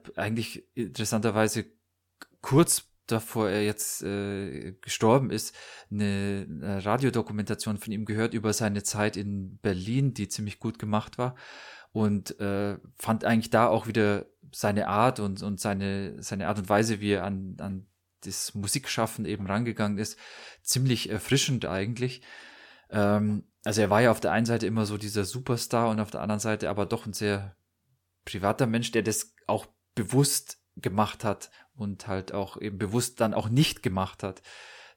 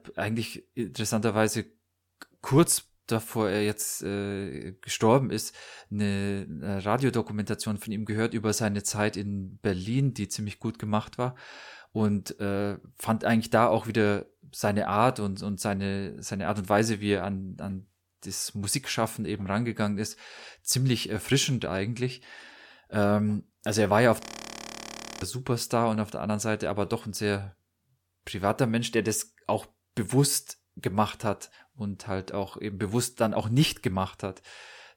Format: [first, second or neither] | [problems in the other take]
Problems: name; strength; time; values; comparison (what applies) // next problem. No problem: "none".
first | audio freezing; at 24 s for 1 s